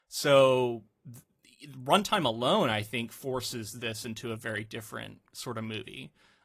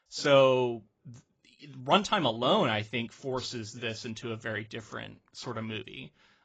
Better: first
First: garbled, watery; slightly; nothing above 14.5 kHz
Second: garbled, watery; badly; nothing above 7.5 kHz

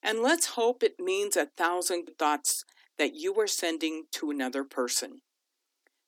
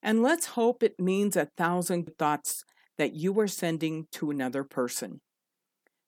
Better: second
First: thin; somewhat; fading below 250 Hz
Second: none

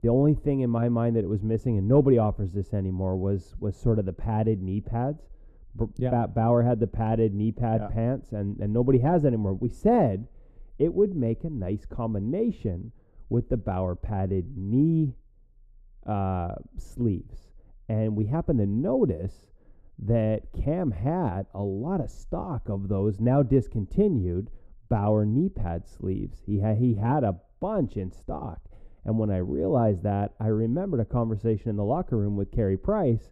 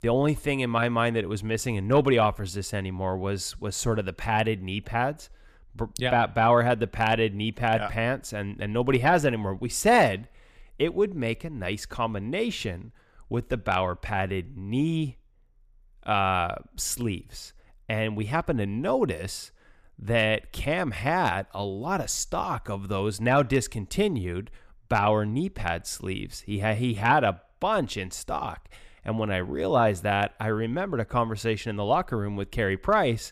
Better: second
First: muffled; very; fading above 1 kHz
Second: none

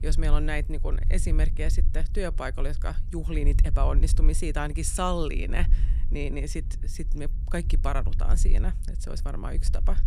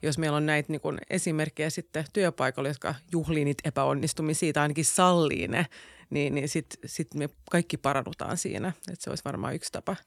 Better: second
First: low rumble; noticeable; throughout; 15 dB below the speech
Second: none

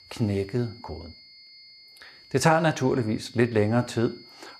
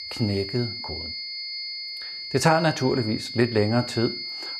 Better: first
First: high-pitched whine; faint; throughout; 4.5 kHz, 25 dB below the speech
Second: high-pitched whine; loud; throughout; 4.5 kHz, 7 dB below the speech

